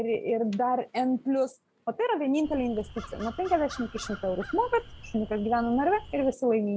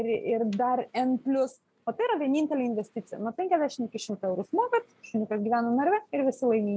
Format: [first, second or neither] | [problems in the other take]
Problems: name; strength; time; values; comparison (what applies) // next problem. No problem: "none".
second | background sound (Crow); 16 dB below the speech